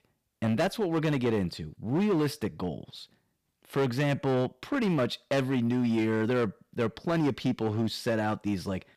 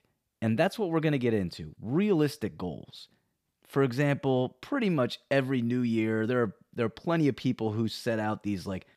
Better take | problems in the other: second | distortion; slight; 10% of the sound clipped

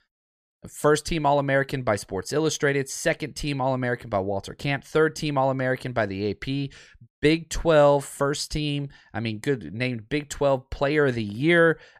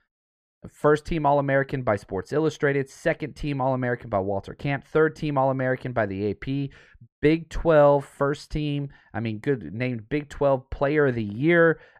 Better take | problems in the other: first | muffled; slightly; fading above 3 kHz

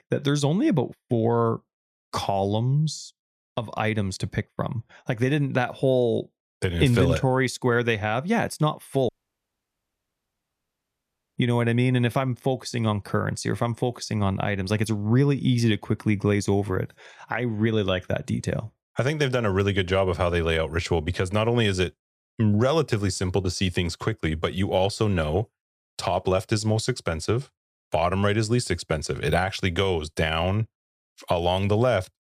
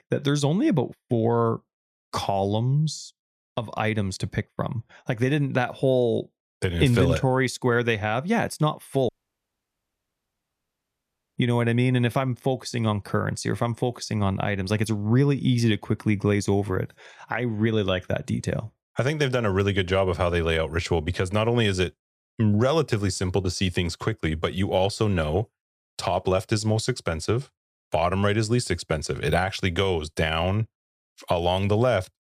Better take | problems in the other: neither | audio cutting out; at 9 s for 2.5 s; the same in both

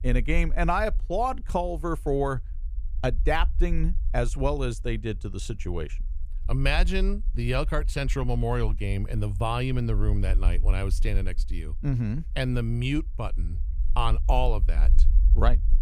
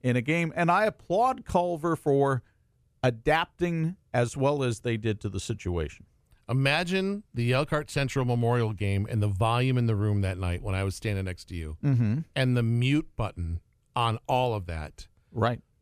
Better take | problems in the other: second | low rumble; faint; throughout; 25 dB below the speech

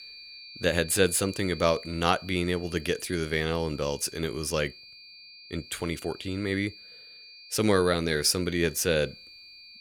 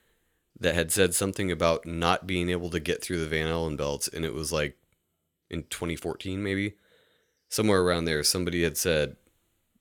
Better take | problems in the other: second | high-pitched whine; noticeable; throughout; 4.5 kHz, 15 dB below the speech

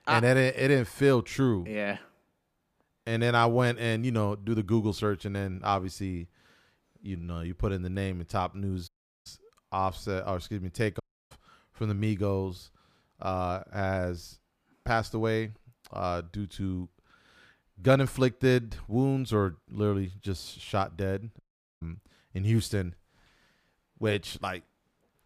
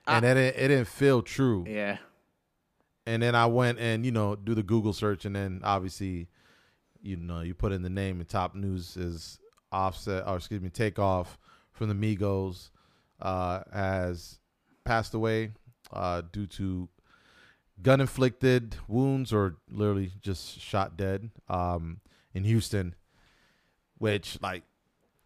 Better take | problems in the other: second | audio cutting out; at 9 s, at 11 s and at 21 s

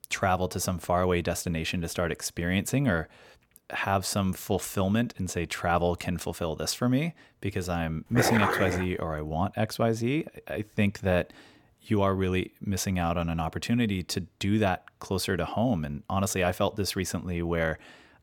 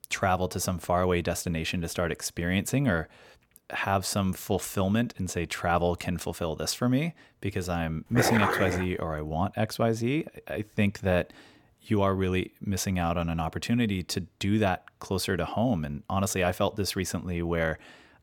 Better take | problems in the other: neither | dog barking; loud; at 8 s; peak 3 dB above the speech; the same in both

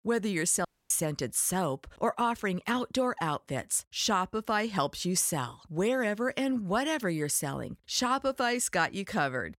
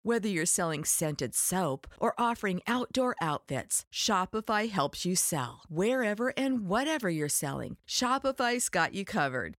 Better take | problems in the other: second | audio cutting out; at 0.5 s

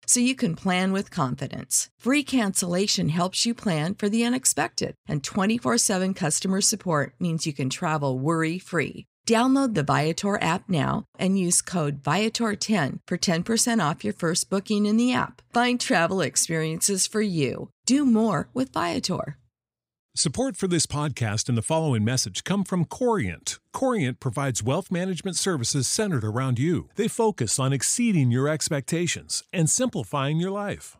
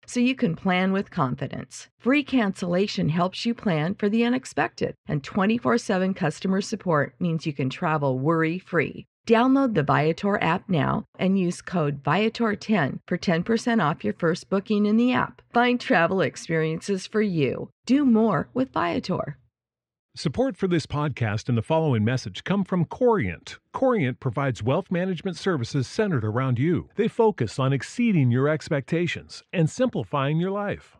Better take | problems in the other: first | muffled; very; fading above 2.5 kHz

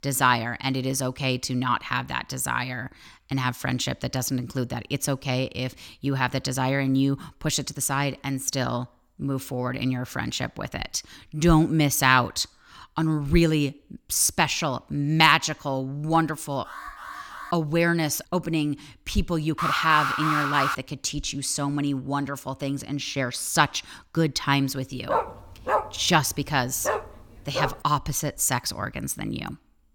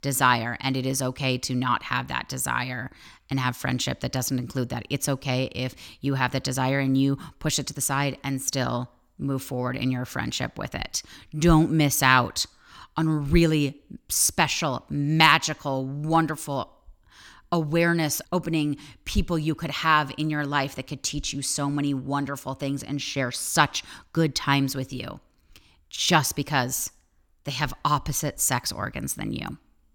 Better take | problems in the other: second | alarm; faint; at 17 s; peak 15 dB below the speech // alarm; loud; from 20 to 21 s; peak 1 dB above the speech // dog barking; noticeable; from 25 to 28 s; peak 1 dB below the speech

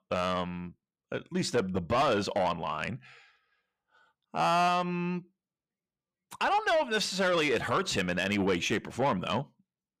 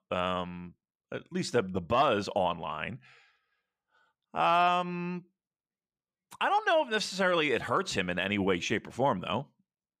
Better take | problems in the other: second | distortion; slight; 10 dB below the speech

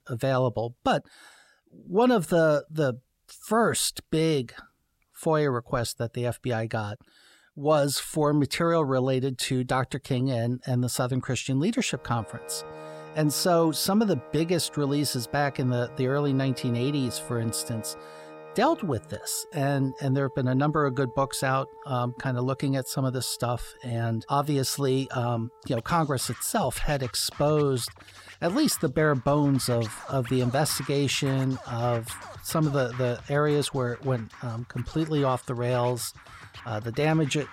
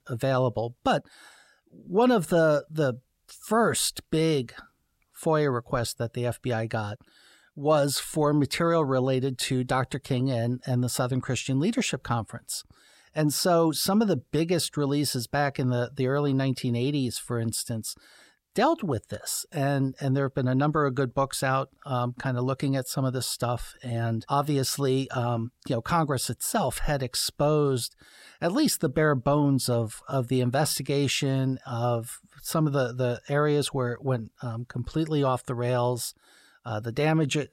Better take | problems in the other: second | background music; noticeable; from 12 s on; 20 dB below the speech

